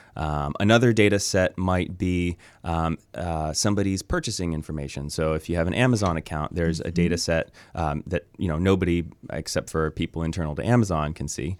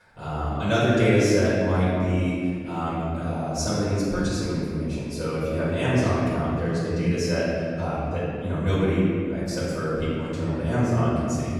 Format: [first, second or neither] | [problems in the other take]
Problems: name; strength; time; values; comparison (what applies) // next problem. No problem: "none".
first | room echo; strong; dies away in 2.1 s // off-mic speech; far